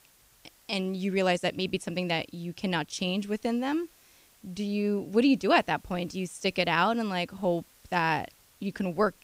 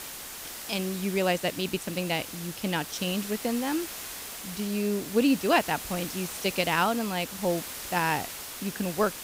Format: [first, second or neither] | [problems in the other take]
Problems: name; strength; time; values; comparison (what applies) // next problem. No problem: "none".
first | hiss; loud; throughout; 8 dB below the speech; faint in the first